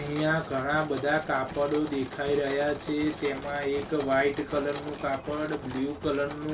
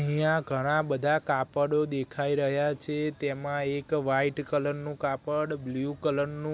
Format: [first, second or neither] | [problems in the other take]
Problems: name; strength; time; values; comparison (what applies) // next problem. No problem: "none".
second | background sound (Mechanisms); 12 dB below the speech // room echo; dies away in 0.2 s